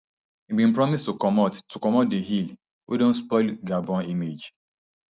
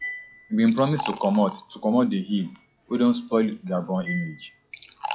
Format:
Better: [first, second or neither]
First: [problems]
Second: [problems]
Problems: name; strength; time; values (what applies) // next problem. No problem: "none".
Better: first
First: none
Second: noise reduction (classical method log-MMSE)